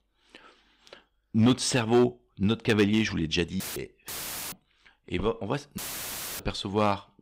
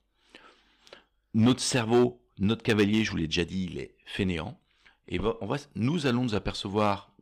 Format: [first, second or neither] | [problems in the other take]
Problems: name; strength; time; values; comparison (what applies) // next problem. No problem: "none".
second | audio cutting out; filled with static; at 3.5 s, at 4 s and at 6 s for 0.5 s